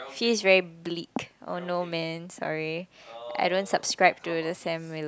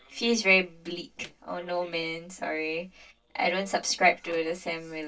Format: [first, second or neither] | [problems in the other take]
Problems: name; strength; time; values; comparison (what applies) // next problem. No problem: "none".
first | noise reduction (neural separator model SepFormer DNS4)